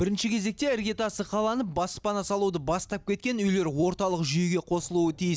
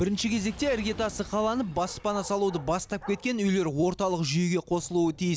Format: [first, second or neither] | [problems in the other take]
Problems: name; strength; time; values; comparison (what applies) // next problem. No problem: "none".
first | background sound (Bark + Fire); 20 dB below the speech